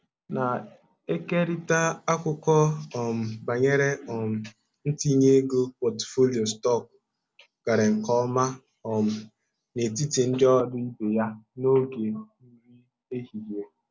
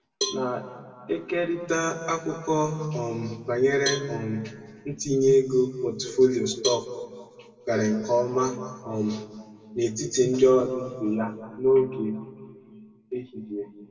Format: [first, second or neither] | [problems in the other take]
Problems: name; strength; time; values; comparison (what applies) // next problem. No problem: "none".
first | background sound (Cowbell); 12 dB below the speech // room echo; dies away in 1.9 s